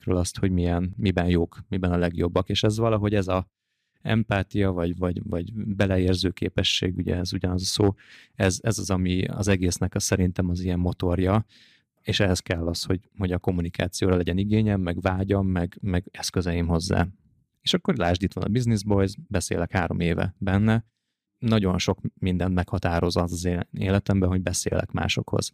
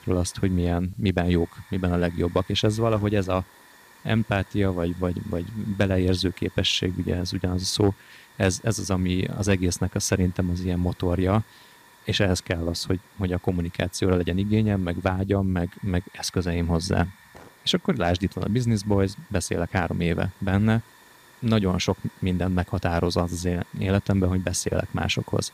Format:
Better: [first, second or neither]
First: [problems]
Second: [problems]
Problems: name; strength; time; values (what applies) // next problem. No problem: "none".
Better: first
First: none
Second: hiss; faint; throughout; 25 dB below the speech